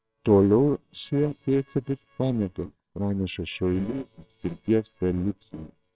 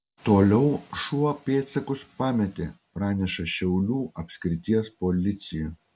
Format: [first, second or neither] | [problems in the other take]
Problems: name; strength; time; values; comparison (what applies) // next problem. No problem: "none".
second | noise reduction (neural separator model SepFormer WHAMR!)